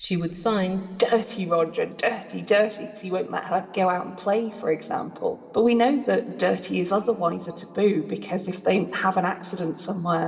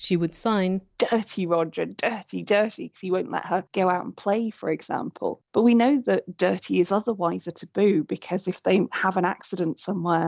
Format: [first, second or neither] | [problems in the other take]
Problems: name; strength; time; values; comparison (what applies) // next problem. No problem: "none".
second | room echo; dies away in 1.8 s